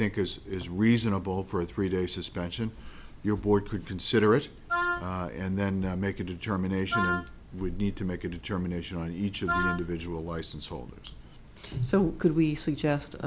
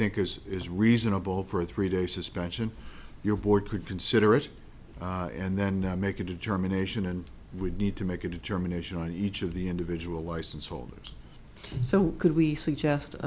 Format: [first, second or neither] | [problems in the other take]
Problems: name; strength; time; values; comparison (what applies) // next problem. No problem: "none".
second | background sound (Wind instrument, woodwind instrument); 2 dB below the speech